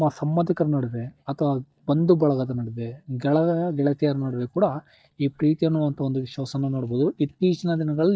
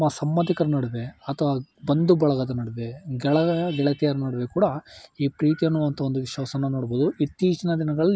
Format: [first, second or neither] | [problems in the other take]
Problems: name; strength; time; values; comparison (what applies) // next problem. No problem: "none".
second | noise reduction (neural mask model DeepFilterNet 3)